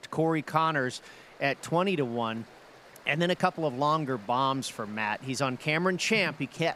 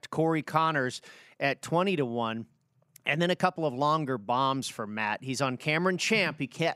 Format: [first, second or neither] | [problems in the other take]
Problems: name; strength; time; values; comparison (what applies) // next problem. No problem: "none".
second | rain or running water; faint; throughout; 25 dB below the speech